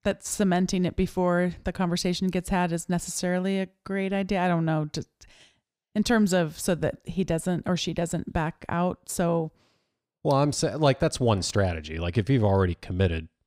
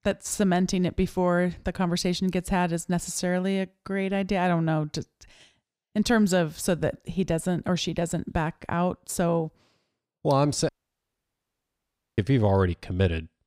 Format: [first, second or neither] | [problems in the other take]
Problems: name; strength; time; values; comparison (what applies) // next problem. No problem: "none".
first | audio cutting out; at 11 s for 1.5 s